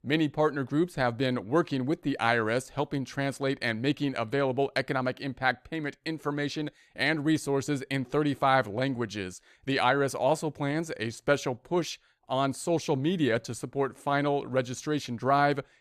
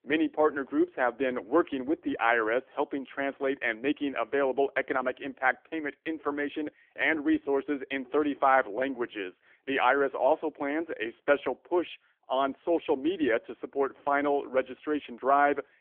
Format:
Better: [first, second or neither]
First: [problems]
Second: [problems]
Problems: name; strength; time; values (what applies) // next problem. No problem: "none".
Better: first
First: none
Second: phone-call audio; nothing above 3.5 kHz